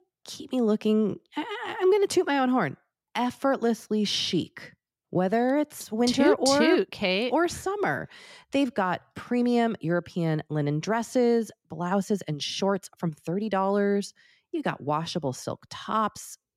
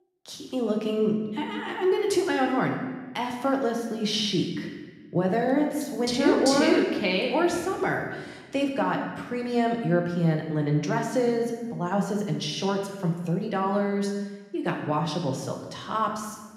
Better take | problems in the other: first | room echo; noticeable; dies away in 1.1 s // off-mic speech; somewhat distant

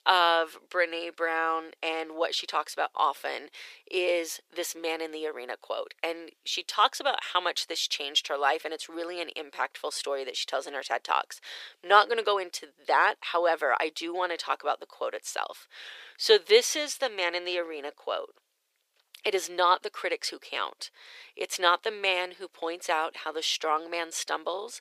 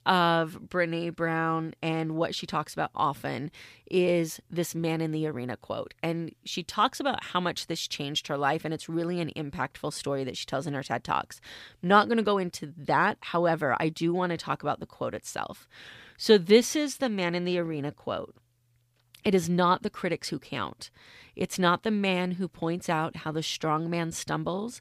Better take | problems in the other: second | thin; very; fading below 400 Hz

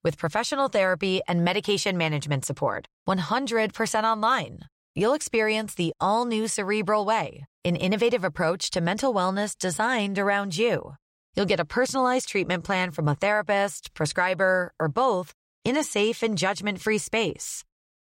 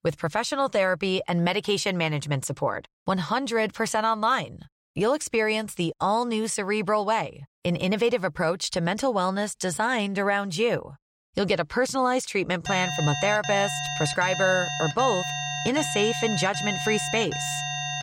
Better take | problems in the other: first | alarm; noticeable; from 13 s on; peak 3 dB below the speech

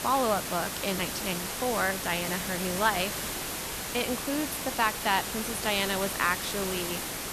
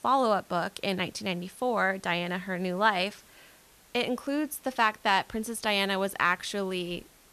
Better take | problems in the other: second | hiss; loud; throughout; 2 dB below the speech; faint in the second

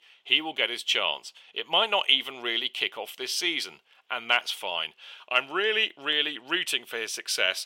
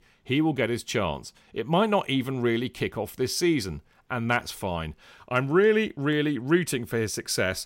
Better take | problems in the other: second | thin; very; fading below 650 Hz

